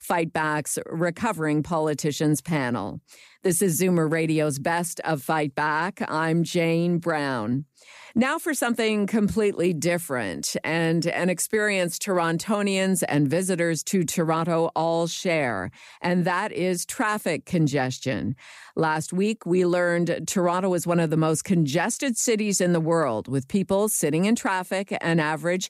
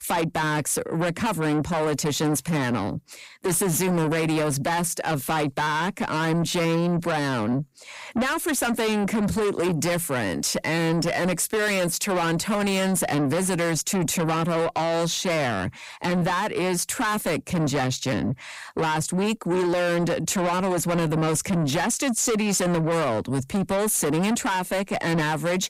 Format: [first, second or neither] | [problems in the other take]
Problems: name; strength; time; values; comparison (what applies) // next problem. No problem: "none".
first | distortion; heavy; 7 dB below the speech